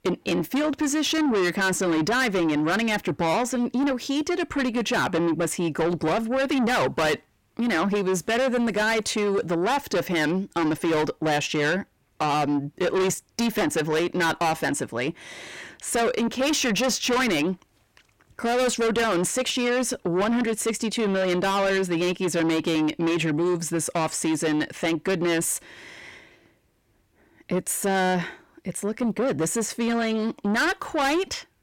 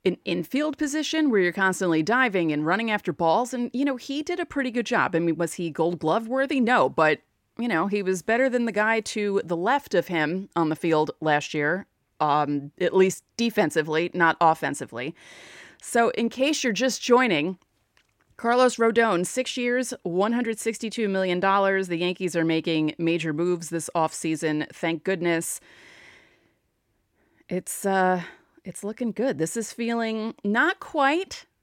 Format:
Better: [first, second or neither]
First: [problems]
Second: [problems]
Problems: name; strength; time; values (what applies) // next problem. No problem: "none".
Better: second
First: distortion; heavy; 6 dB below the speech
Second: none